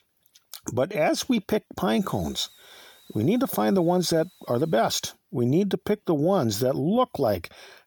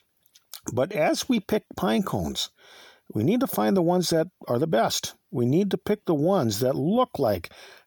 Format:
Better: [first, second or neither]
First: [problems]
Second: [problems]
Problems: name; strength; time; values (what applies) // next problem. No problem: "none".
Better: second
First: hiss; faint; from 2 to 5 s; 30 dB below the speech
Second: none